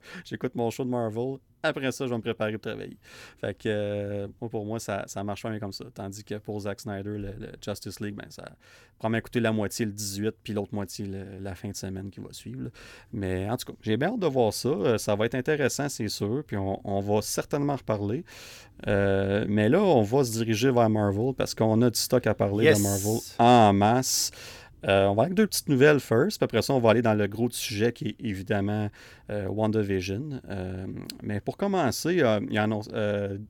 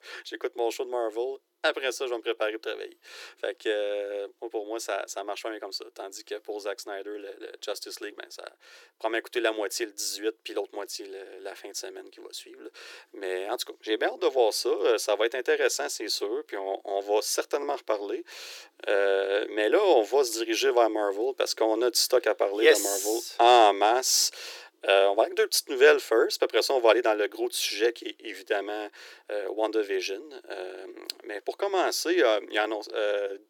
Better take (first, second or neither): first